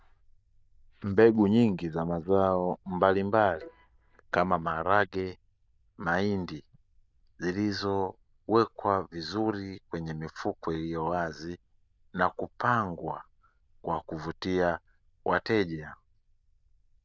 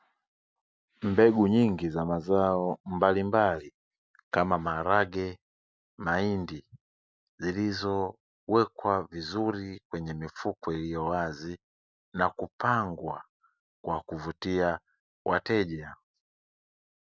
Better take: second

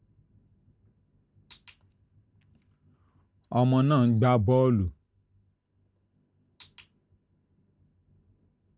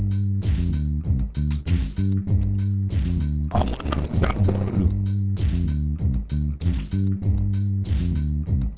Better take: first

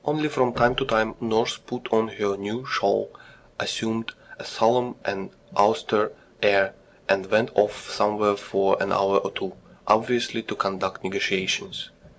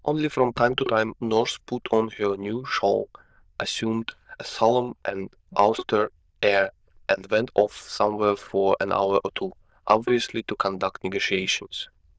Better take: first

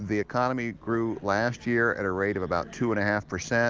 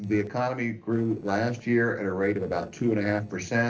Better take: first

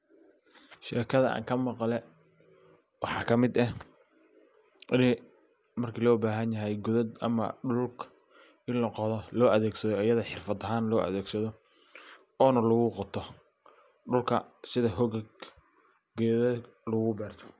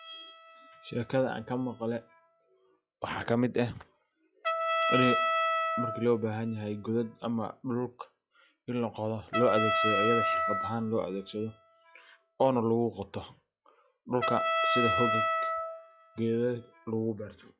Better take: first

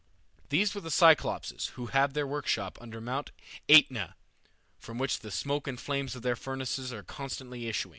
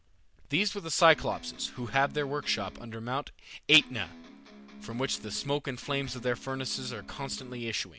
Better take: first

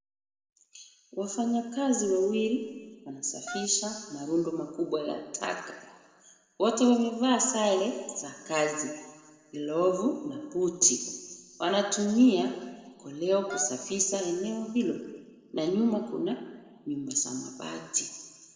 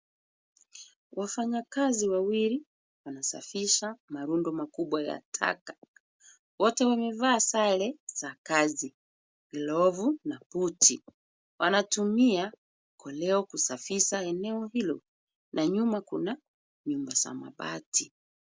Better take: second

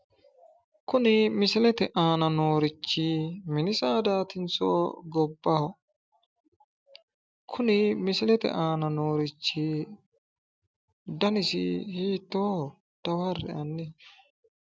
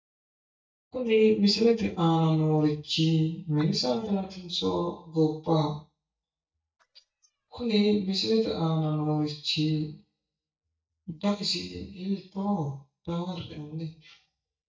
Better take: first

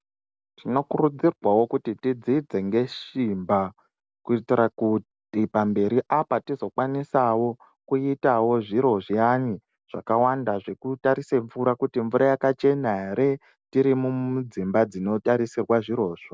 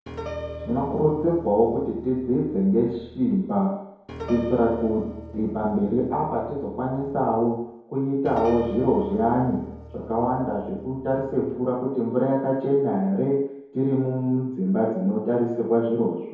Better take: first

